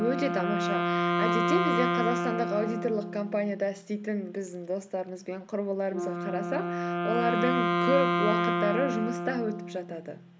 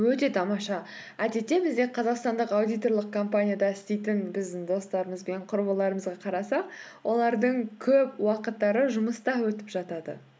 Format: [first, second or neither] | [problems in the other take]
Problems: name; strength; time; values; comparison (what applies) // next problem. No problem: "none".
second | background sound (Wind instrument, woodwind instrument); 1 dB above the speech